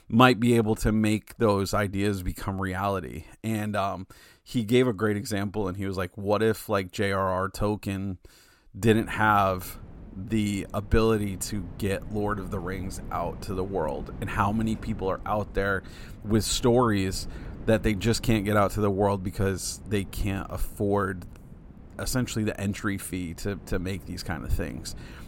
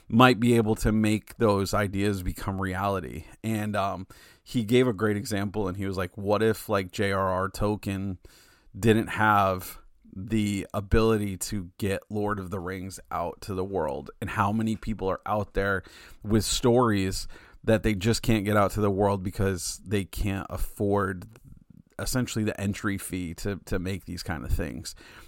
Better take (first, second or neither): second